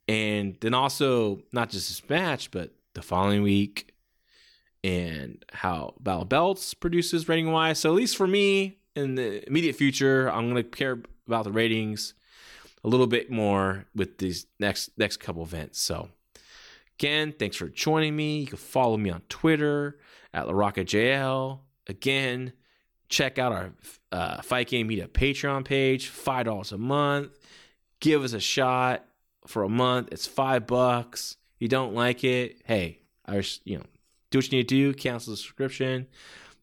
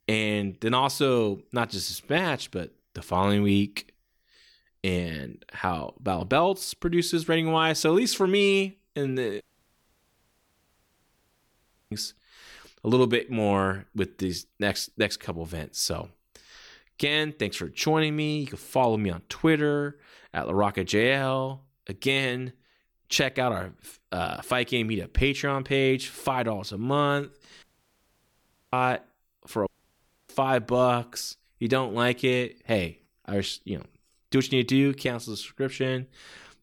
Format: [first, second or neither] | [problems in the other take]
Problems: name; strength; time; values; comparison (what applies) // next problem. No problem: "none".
first | audio cutting out; at 9.5 s for 2.5 s, at 28 s for 1 s and at 30 s for 0.5 s